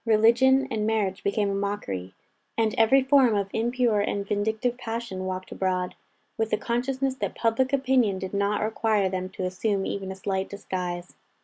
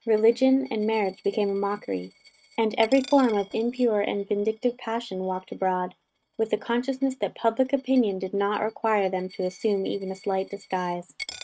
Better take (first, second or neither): first